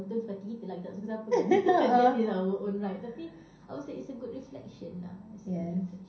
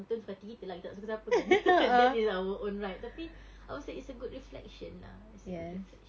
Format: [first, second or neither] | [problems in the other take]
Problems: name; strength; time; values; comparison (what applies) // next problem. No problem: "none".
second | room echo; dies away in 0.6 s